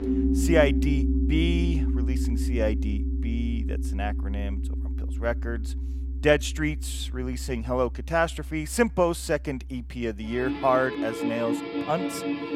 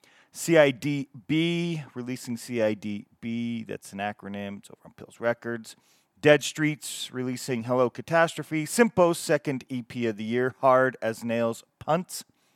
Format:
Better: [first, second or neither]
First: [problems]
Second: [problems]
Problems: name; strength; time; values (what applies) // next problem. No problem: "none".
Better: second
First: background music; loud; throughout; 1 dB below the speech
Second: none